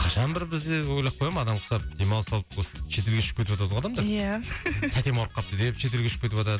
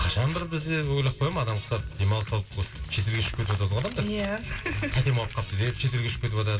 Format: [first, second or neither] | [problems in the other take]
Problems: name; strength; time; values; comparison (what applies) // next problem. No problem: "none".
first | background sound (Crumpling, crinkling); 20 dB below the speech // room echo; dies away in 2.8 s